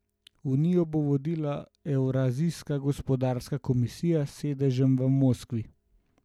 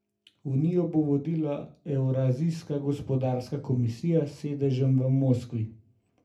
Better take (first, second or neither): first